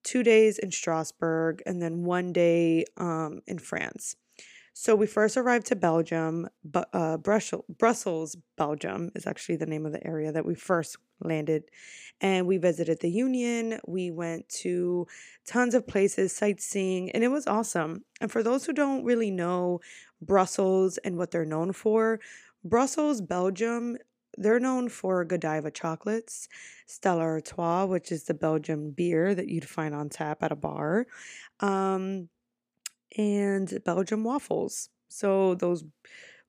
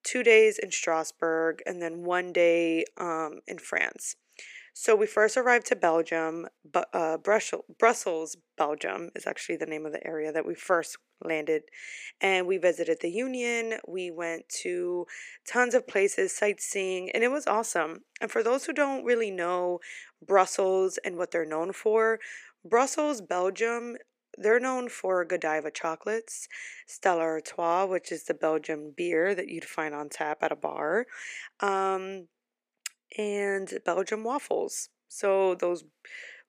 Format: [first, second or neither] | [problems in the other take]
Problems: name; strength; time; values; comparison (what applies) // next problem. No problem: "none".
first | thin; somewhat; fading below 450 Hz